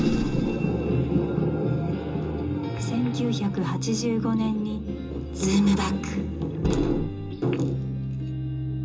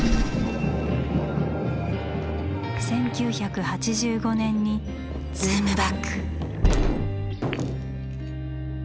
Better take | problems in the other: second | room echo; dies away in 0.2 s

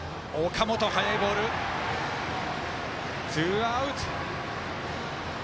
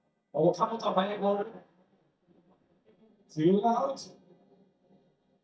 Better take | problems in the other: first | noise reduction (neural mask model DeepFilterNet 3)

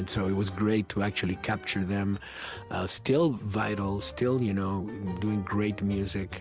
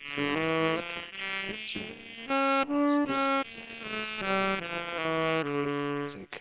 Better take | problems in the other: first | noise reduction (neural separator model SepFormer WHAM!)

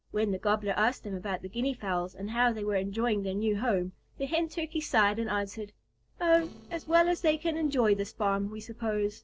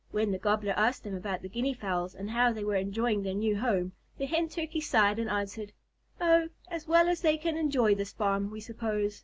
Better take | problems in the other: second | noise reduction (neural separator model SepFormer DNS4)

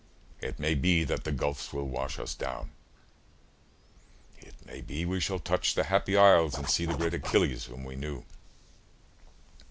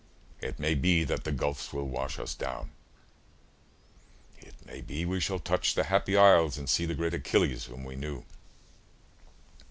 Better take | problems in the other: second | background sound (Zipper (clothing)); 9 dB below the speech

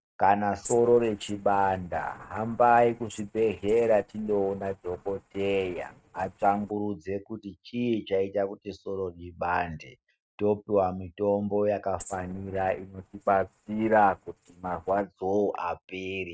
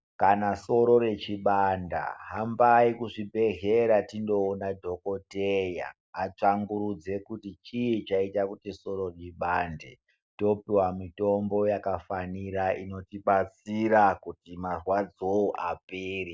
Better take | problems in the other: second | noise reduction (neural mask model RNNoise)

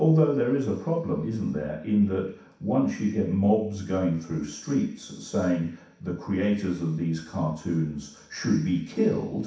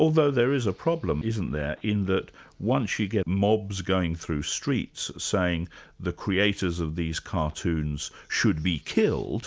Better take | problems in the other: second | room echo; dies away in 0.7 s

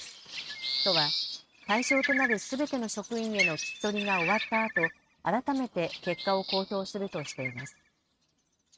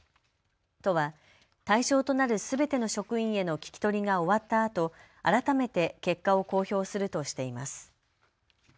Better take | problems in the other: second | noise reduction (neural mask model RNNoise)

